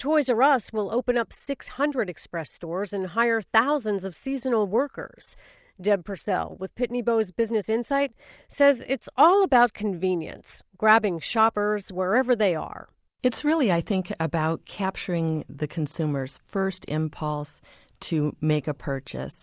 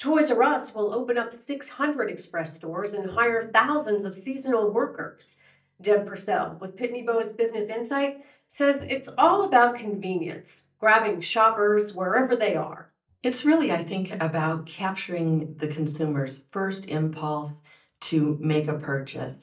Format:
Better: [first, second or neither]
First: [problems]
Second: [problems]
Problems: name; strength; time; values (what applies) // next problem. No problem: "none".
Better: first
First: none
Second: noise reduction (neural mask model DeepFilterNet 3)